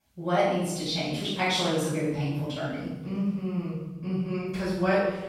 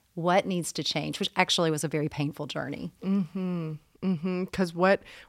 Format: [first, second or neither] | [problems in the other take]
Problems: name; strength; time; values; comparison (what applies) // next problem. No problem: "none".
second | off-mic speech; far // room echo; strong; dies away in 1 s